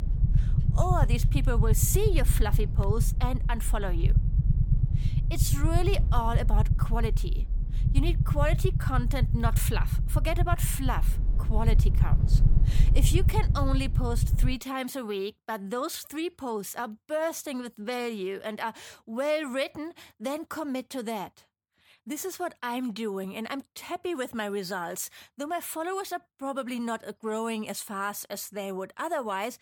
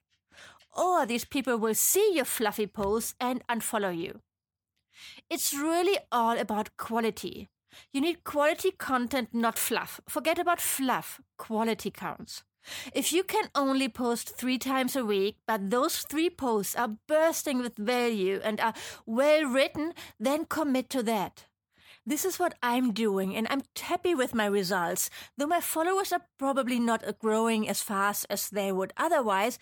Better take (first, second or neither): second